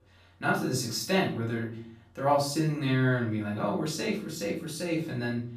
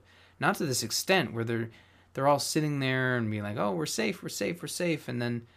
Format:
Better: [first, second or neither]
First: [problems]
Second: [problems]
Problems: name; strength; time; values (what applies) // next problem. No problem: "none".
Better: second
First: off-mic speech; far // room echo; noticeable; dies away in 0.4 s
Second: none